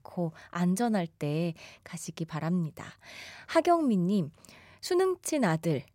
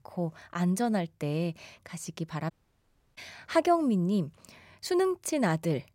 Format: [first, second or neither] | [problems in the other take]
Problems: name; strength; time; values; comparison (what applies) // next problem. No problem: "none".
first | audio cutting out; at 2.5 s for 0.5 s